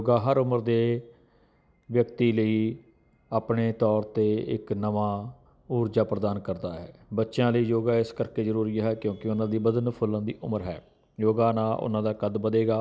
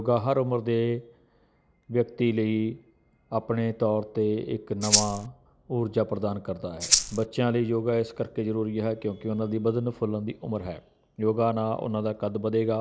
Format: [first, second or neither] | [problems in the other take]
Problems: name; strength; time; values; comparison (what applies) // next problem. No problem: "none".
first | background sound (Rattle (instrument)); 3 dB above the speech